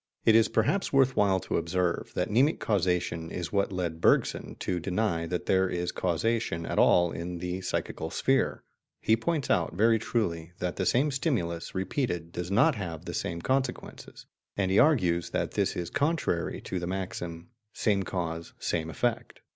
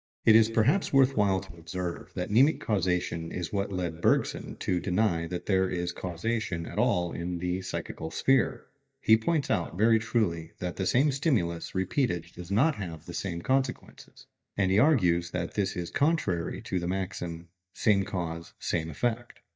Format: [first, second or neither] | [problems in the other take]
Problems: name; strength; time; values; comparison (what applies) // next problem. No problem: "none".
first | noise reduction (neural mask model DeepFilterNet 3)